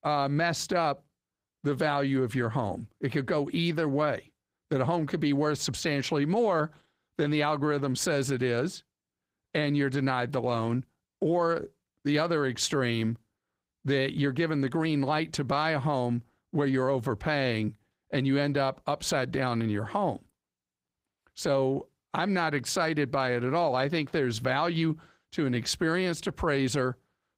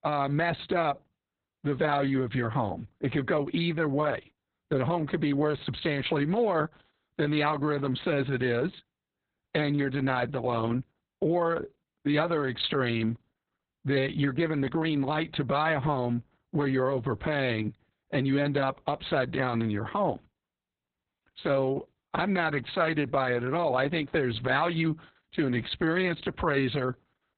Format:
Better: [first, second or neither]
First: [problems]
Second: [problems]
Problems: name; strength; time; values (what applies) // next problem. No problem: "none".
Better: first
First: garbled, watery; slightly; nothing above 15.5 kHz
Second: garbled, watery; badly; nothing above 4 kHz